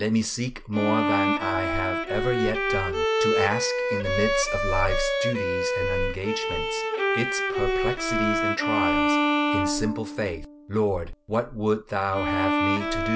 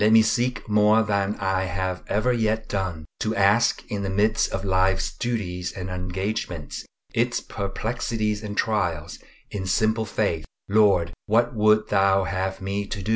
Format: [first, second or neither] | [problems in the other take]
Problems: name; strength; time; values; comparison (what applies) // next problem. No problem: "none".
second | background sound (Bowed string instrument); 2 dB above the speech